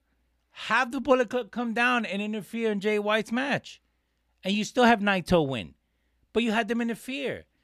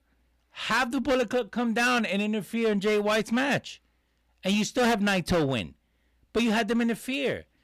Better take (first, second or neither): first